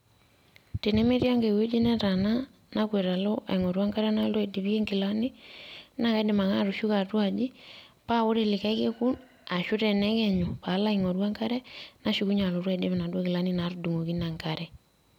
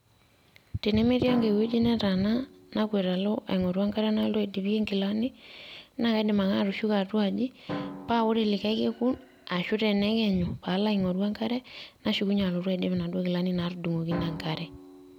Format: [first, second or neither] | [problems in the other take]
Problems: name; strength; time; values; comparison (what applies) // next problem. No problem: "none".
first | background sound (Drum); 17 dB below the speech